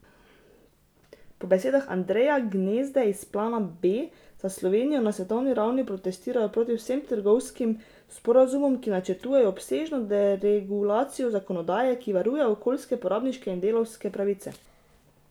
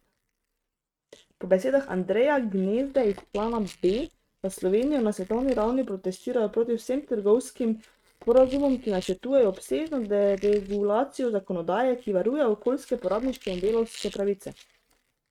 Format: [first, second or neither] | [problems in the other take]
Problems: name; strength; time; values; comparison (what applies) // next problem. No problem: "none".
first | noise reduction (neural mask model RNNoise)